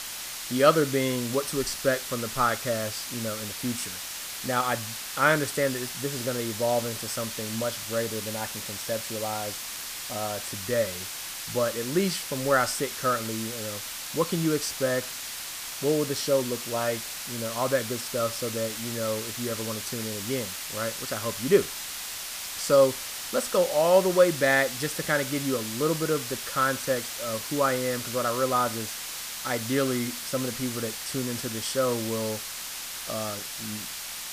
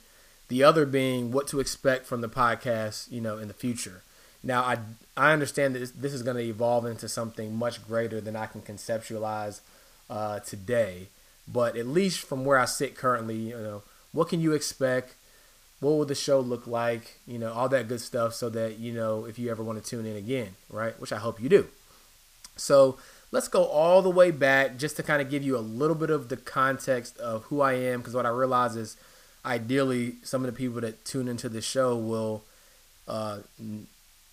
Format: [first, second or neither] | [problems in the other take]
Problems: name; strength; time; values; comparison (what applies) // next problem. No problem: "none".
second | hiss; loud; throughout; 5 dB below the speech; faint in the second